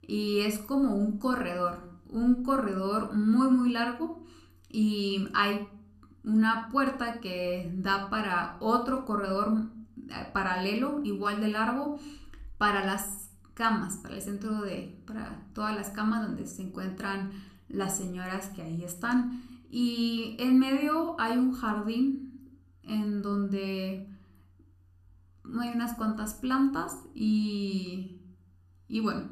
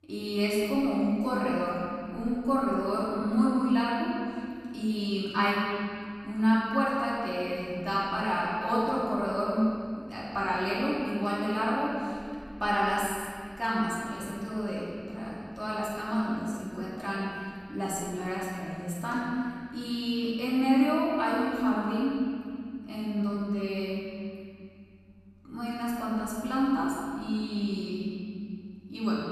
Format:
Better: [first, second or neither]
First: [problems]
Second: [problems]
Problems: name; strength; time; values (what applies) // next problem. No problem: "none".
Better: first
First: room echo; slight; dies away in 0.4 s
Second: room echo; strong; dies away in 2.5 s // off-mic speech; far